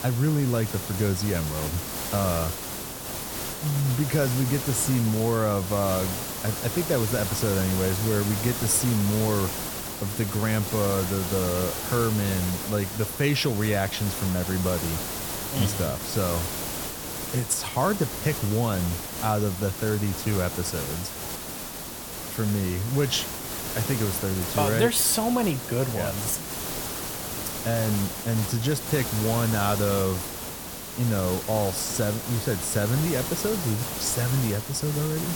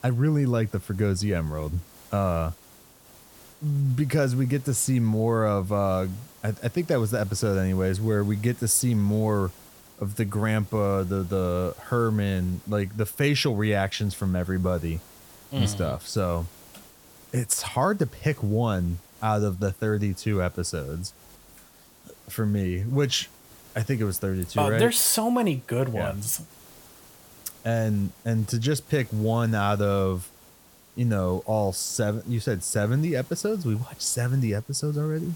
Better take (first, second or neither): second